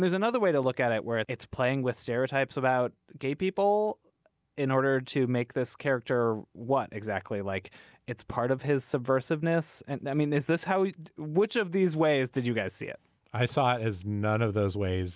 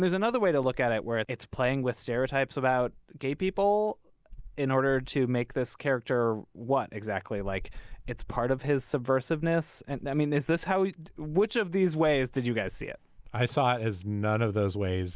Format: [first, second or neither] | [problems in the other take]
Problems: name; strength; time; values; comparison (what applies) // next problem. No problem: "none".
first | noise reduction (neural mask model Resemble Enhance denoiser)